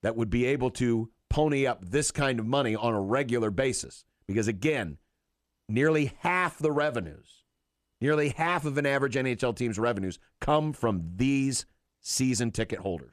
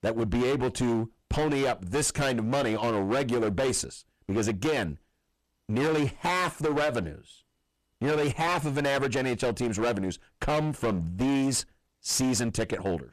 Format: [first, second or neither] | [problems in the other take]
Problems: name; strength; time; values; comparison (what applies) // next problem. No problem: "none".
first | distortion; heavy; 20% of the sound clipped